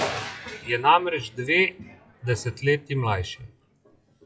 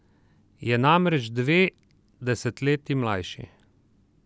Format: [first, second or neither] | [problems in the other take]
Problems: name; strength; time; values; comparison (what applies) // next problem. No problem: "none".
second | noise reduction (classical method WPE with log-MMSE)